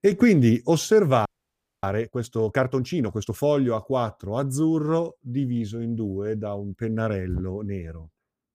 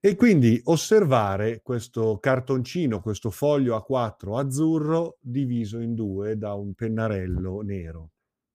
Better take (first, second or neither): second